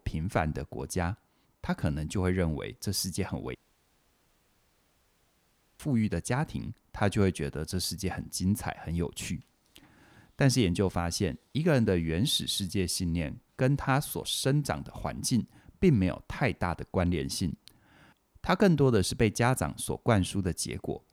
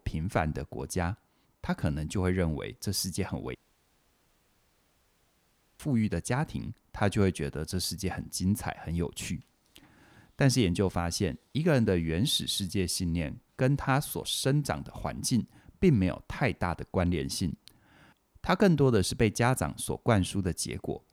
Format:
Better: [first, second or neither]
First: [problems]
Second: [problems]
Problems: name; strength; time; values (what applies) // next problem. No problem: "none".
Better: neither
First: audio cutting out; at 3.5 s for 2.5 s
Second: audio cutting out; at 3.5 s for 2.5 s